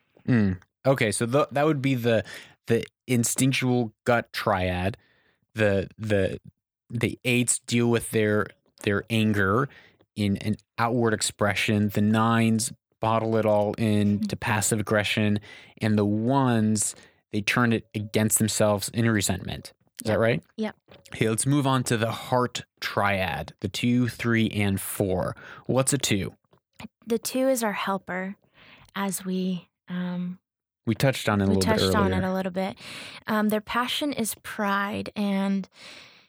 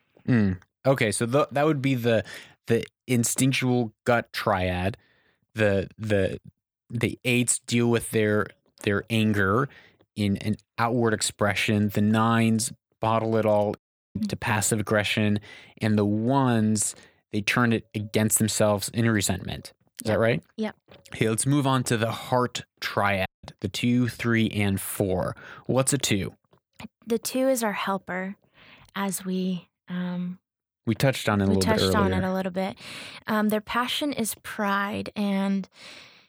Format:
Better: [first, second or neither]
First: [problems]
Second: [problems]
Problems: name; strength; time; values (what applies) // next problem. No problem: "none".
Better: first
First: none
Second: audio cutting out; at 14 s and at 23 s